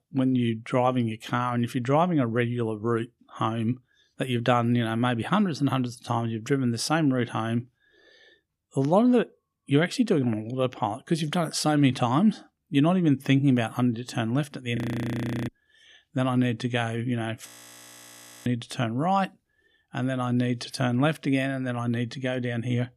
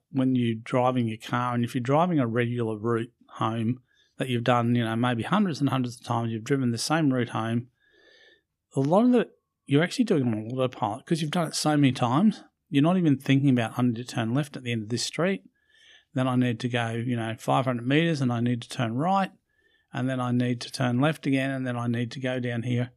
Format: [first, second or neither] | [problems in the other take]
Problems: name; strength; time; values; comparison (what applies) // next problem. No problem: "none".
second | audio freezing; at 15 s for 0.5 s and at 17 s for 1 s